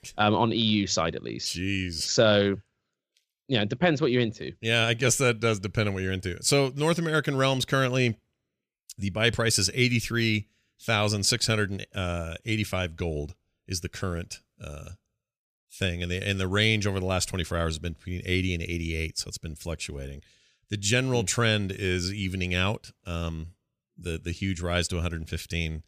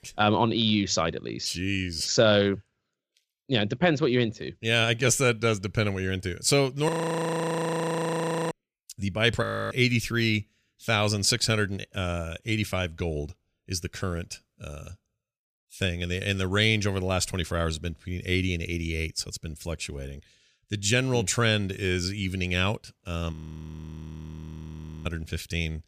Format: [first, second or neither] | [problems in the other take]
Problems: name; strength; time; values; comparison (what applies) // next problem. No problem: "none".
first | audio freezing; at 7 s for 1.5 s, at 9.5 s and at 23 s for 1.5 s